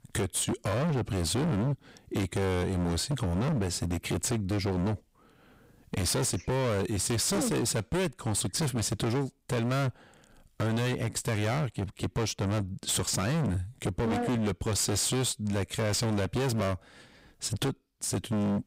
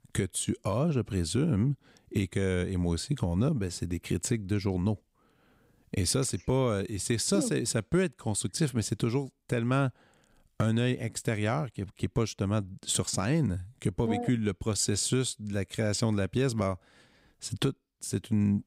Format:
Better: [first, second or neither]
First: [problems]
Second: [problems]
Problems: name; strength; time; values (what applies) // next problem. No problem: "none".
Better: second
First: distortion; heavy; 31% of the sound clipped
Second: none